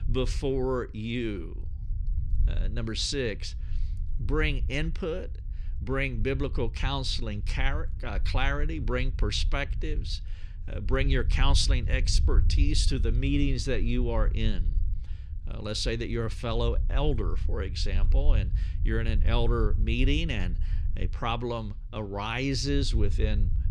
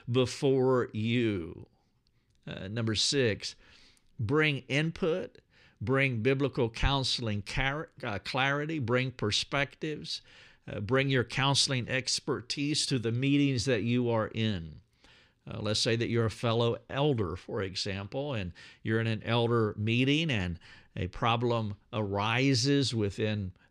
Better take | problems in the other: second | low rumble; noticeable; throughout; 20 dB below the speech

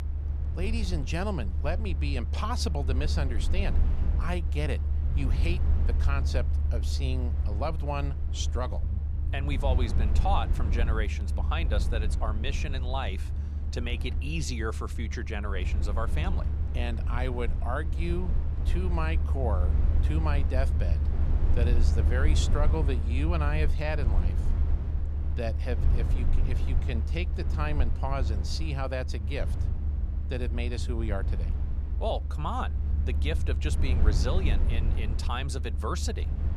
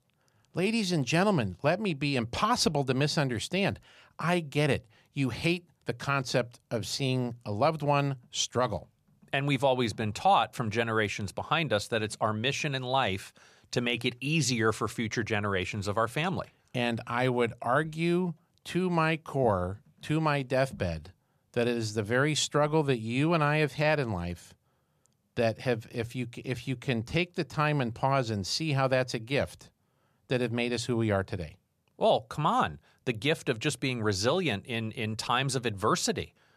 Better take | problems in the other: second | low rumble; loud; throughout; 9 dB below the speech

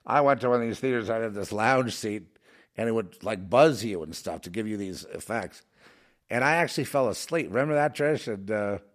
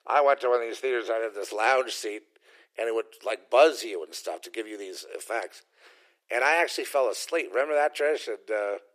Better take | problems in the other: first | thin; very; fading below 350 Hz

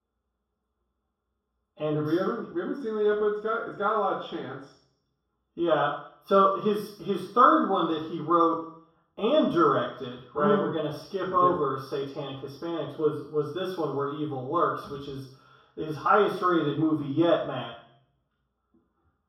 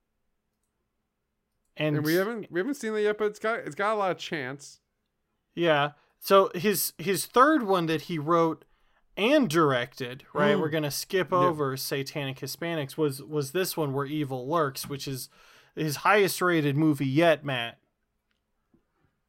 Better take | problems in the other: second | room echo; noticeable; dies away in 0.6 s // off-mic speech; far

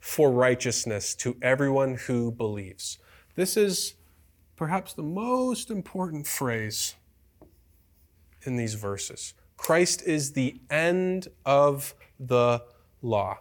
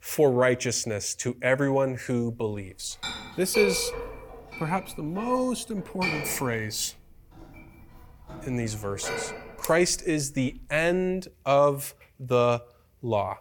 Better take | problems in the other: first | clattering dishes; loud; from 3 to 11 s; peak level with the speech

